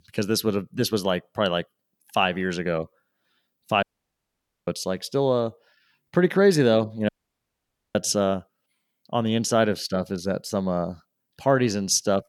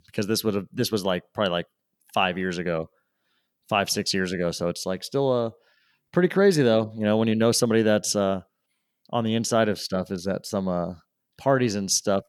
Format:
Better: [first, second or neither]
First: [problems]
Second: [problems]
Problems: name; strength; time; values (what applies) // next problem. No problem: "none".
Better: second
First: audio cutting out; at 4 s for 1 s and at 7 s for 1 s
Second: none